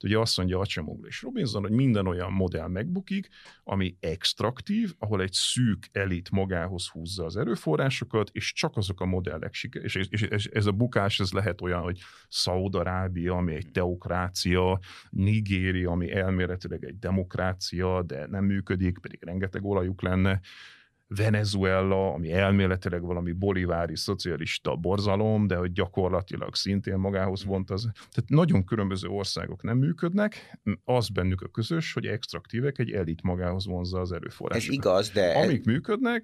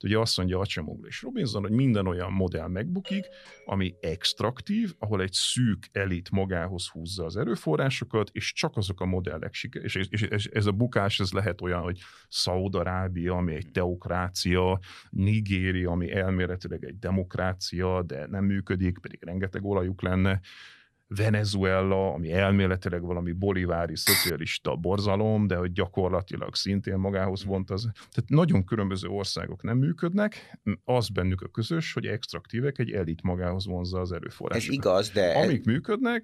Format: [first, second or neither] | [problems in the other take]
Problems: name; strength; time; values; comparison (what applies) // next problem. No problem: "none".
first | doorbell; faint; at 3 s; peak 15 dB below the speech // clattering dishes; loud; at 24 s; peak 6 dB above the speech